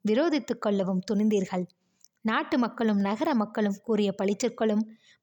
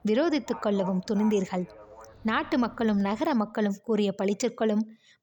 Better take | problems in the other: first | animal sounds; noticeable; until 3 s; 20 dB below the speech

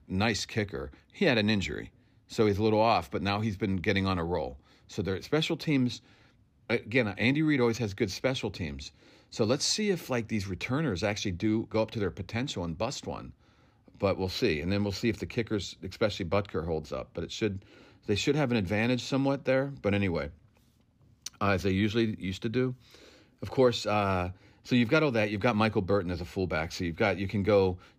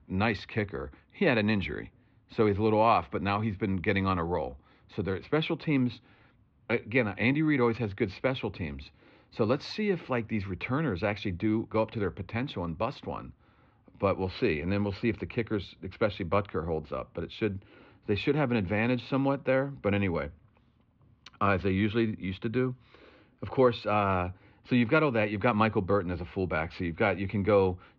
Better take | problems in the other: first | muffled; slightly; fading above 3.5 kHz

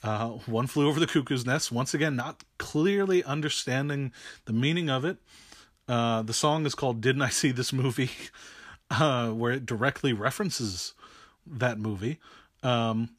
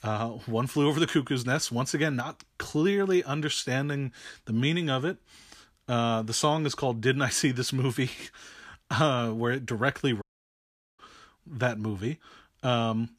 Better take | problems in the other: first | audio cutting out; at 10 s for 1 s

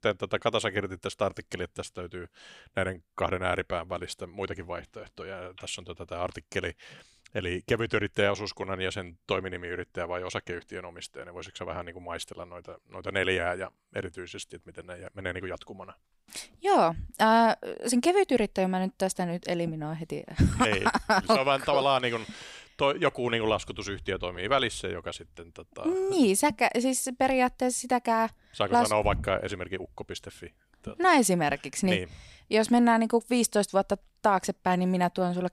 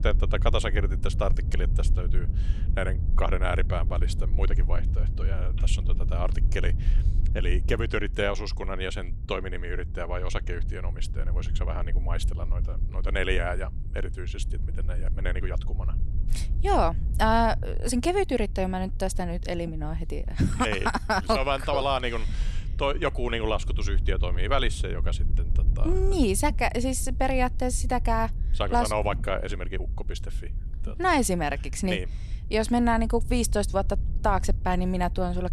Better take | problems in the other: first | low rumble; faint; throughout; 20 dB below the speech

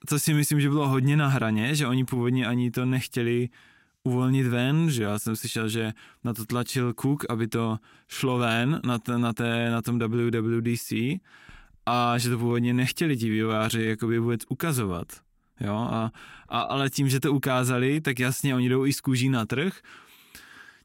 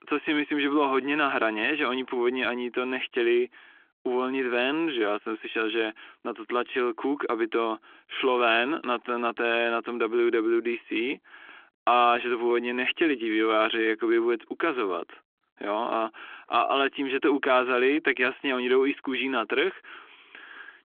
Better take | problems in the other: first | phone-call audio; nothing above 3.5 kHz

